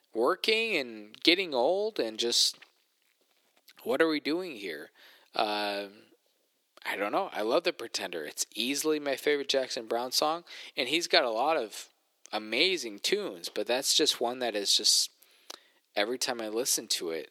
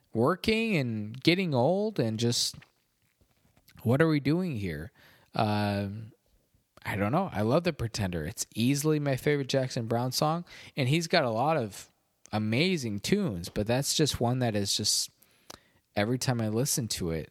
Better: second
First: thin; somewhat; fading below 350 Hz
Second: none

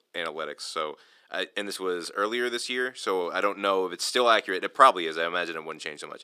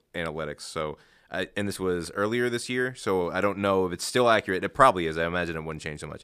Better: second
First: thin; somewhat; fading below 300 Hz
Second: none

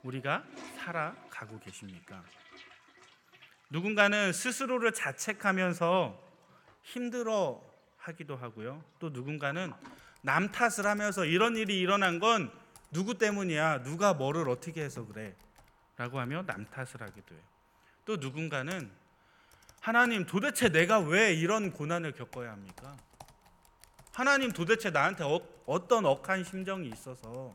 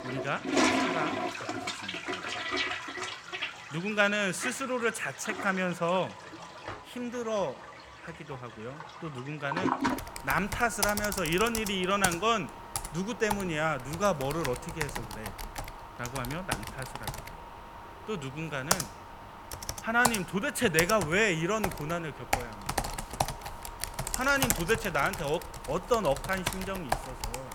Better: first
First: household noises; faint; throughout; 25 dB below the speech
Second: household noises; loud; throughout; 4 dB below the speech

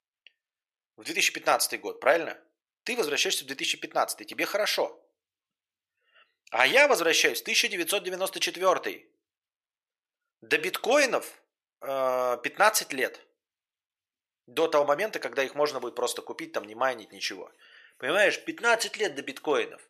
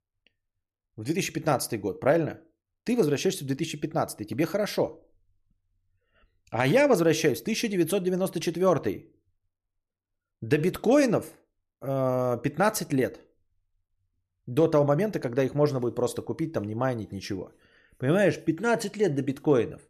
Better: second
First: thin; very; fading below 700 Hz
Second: none

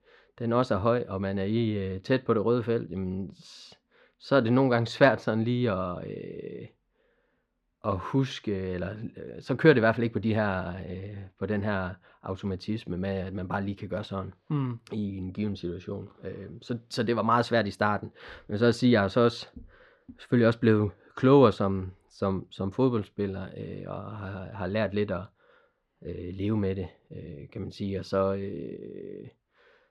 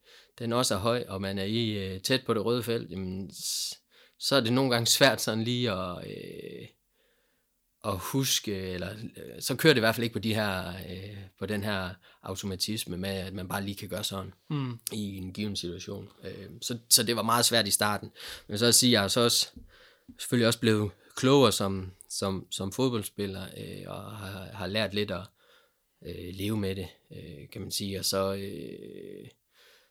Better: second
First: muffled; very; fading above 1.5 kHz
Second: none

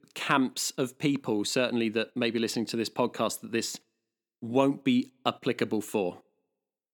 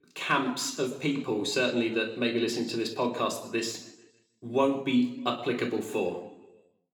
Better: first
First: none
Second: room echo; slight; dies away in 0.8 s // off-mic speech; somewhat distant

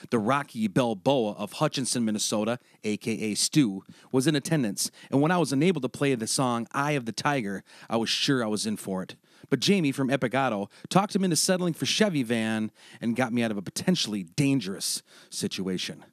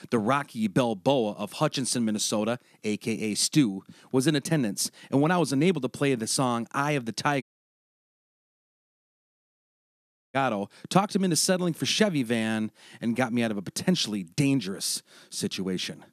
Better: first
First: none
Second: audio cutting out; at 7.5 s for 3 s

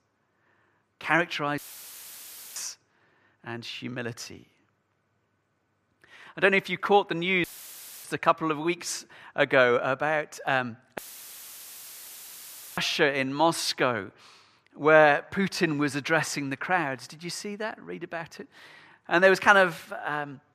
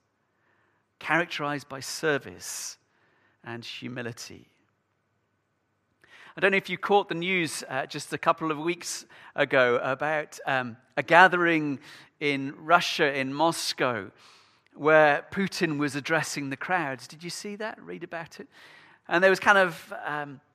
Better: second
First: audio cutting out; filled with static; at 1.5 s for 1 s, at 7.5 s for 0.5 s and at 11 s for 2 s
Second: none

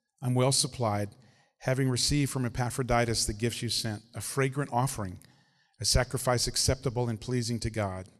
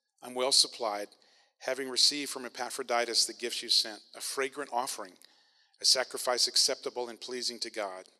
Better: first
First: none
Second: thin; very; fading below 350 Hz

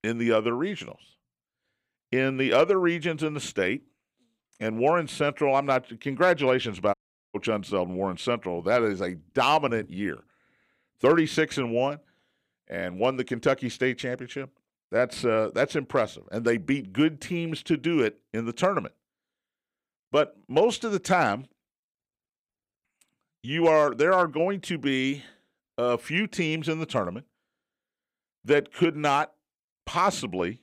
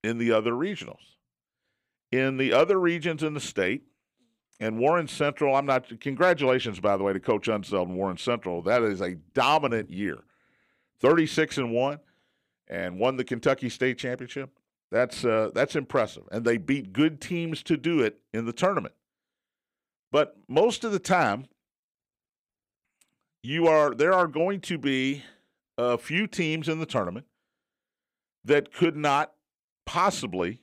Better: second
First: audio cutting out; at 7 s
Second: none

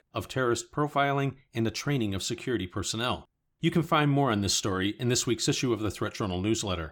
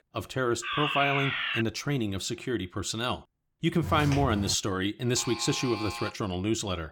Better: first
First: none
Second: alarm; loud; from 0.5 to 1.5 s; peak 1 dB above the speech // footsteps; noticeable; at 4 s; peak 4 dB below the speech // alarm; noticeable; at 5 s; peak 7 dB below the speech

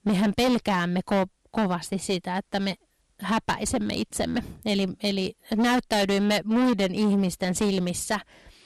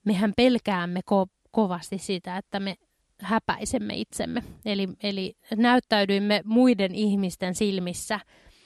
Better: second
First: distortion; heavy; 17% of the sound clipped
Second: none

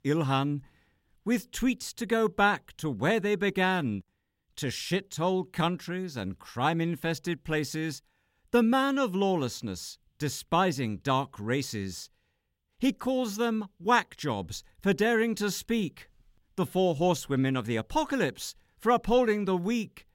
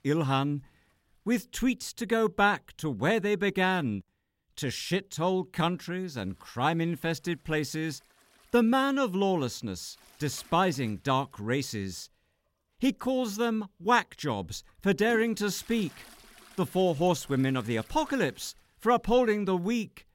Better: first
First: none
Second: household noises; faint; throughout; 25 dB below the speech

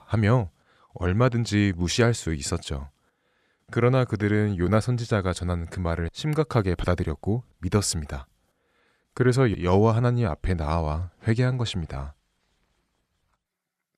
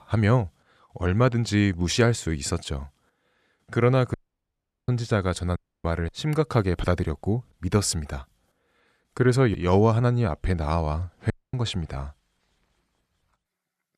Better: first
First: none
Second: audio cutting out; at 4 s for 0.5 s, at 5.5 s and at 11 s

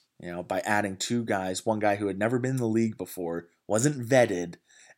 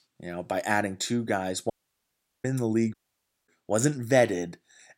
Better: first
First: none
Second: audio cutting out; at 1.5 s for 0.5 s and at 3 s for 0.5 s

